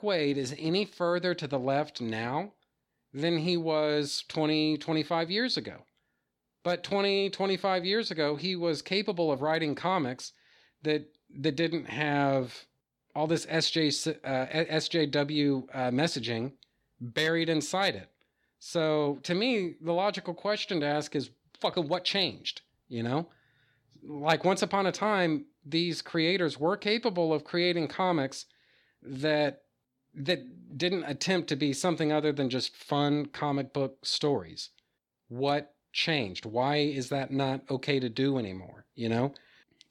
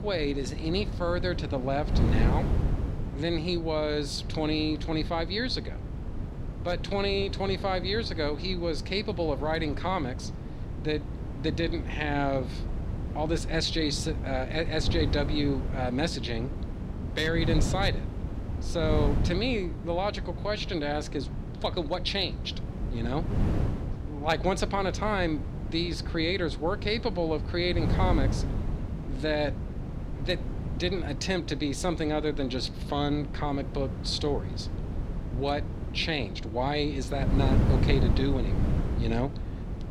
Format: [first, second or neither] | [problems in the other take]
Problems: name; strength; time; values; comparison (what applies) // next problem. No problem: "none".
first | wind noise on the microphone; occasional gusts; 10 dB below the speech